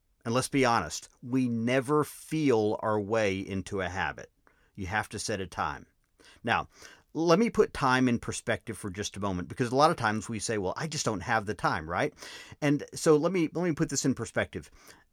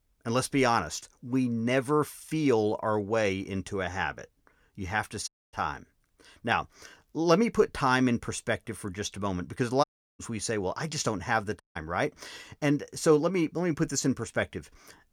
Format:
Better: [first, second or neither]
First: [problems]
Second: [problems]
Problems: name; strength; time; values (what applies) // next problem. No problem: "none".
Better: first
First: none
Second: audio cutting out; at 5.5 s, at 10 s and at 12 s